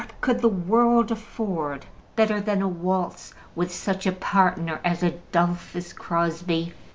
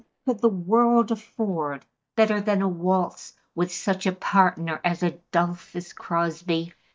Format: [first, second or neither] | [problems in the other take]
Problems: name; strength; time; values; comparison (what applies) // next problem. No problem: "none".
first | noise reduction (neural mask model DeepFilterNet 3)